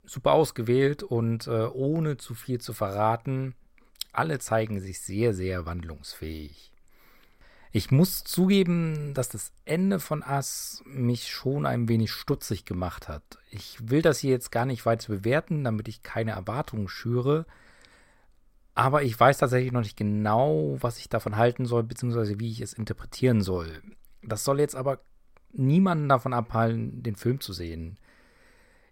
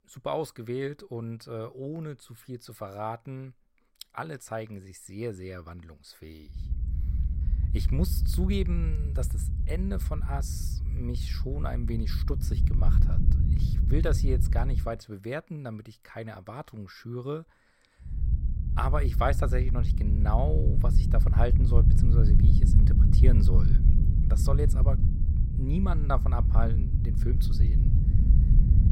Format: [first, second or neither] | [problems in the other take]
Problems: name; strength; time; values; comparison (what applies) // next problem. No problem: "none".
first | low rumble; loud; from 6.5 to 15 s and from 18 s on; 5 dB below the speech